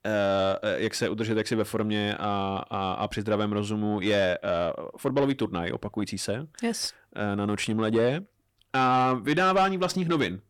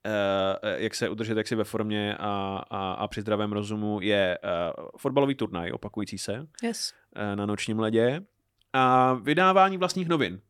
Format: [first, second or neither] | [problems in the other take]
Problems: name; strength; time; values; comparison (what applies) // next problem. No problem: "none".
second | distortion; slight; 10 dB below the speech